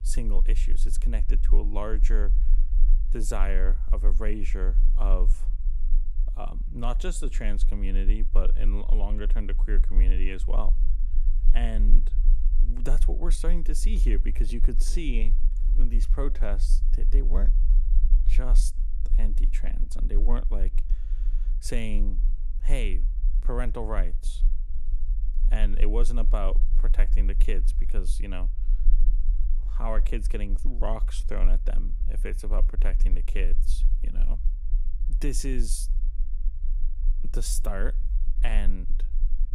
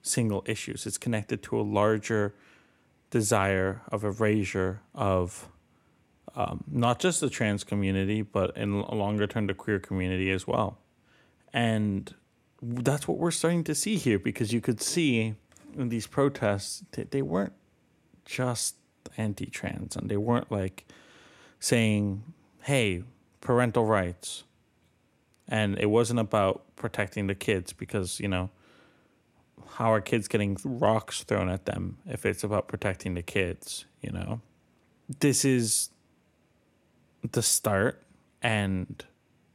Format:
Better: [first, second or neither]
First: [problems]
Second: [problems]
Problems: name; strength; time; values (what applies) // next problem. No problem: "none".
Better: second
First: low rumble; noticeable; throughout; 15 dB below the speech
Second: none